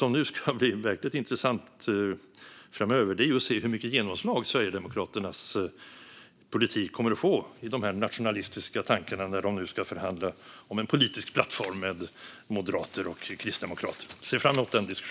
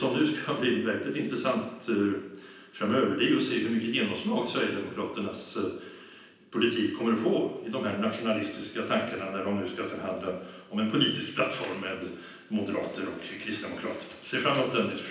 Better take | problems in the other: first | room echo; dies away in 0.9 s

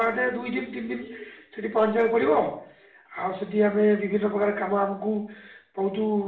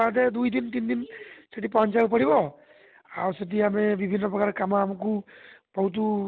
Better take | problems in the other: second | room echo; dies away in 0.5 s

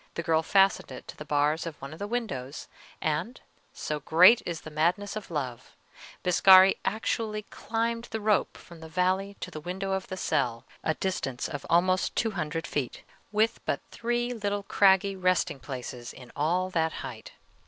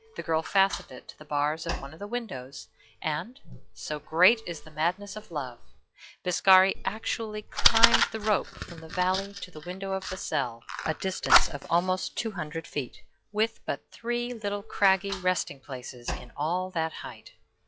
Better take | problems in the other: first | noise reduction (classical method log-MMSE)

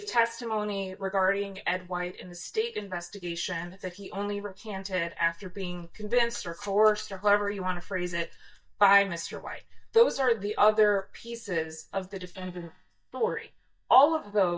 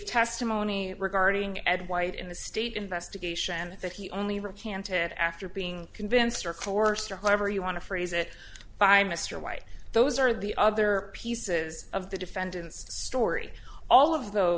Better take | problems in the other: second | noise reduction (neural mask model DeepFilterNet 3)

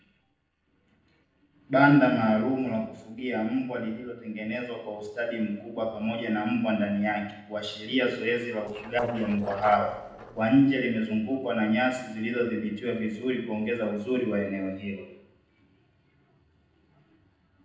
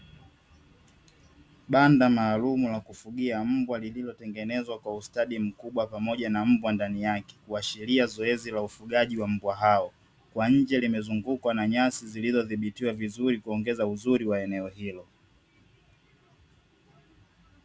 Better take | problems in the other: second | noise reduction (neural separator model SepFormer DNS4)

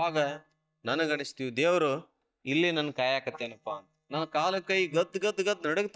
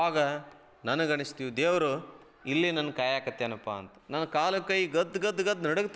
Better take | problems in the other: second | noise reduction (neural mask model DeepFilterNet 3)

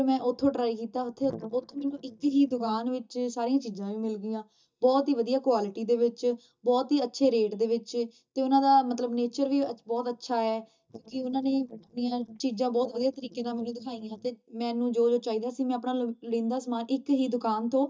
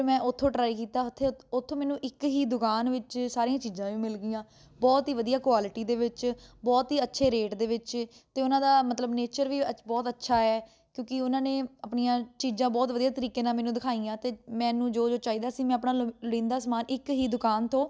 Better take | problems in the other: second | noise reduction (neural mask model DeepFilterNet 3)

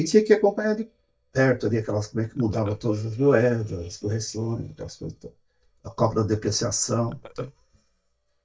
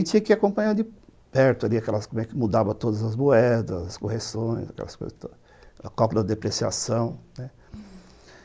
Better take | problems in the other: second | noise reduction (neural mask model DeepFilterNet 3)

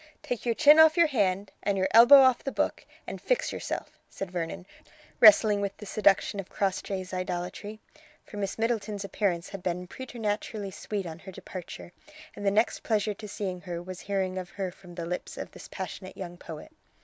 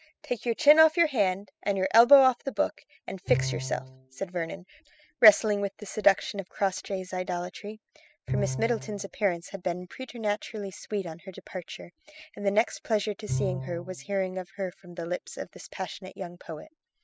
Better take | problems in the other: first | noise reduction (classical method spectral subtraction)

